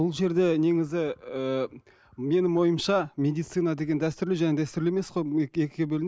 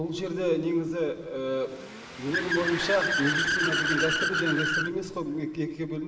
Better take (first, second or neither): first